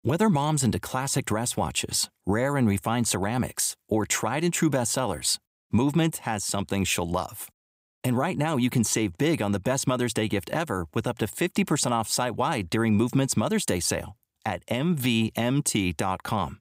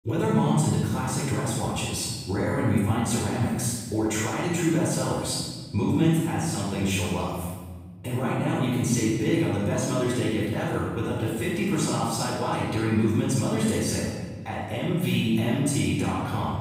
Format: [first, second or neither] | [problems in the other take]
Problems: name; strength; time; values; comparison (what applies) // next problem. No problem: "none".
first | off-mic speech; far // room echo; strong; dies away in 1.8 s